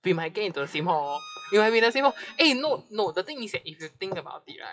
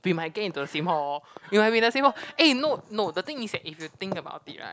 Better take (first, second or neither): second